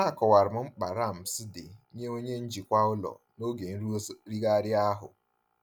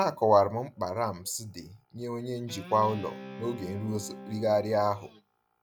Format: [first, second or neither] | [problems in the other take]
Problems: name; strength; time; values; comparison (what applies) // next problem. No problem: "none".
first | background sound (Guitar); 14 dB below the speech